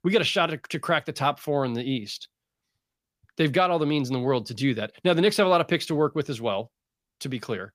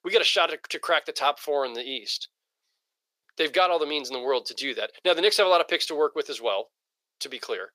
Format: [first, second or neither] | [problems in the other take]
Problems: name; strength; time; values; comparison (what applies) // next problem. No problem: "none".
first | thin; very; fading below 450 Hz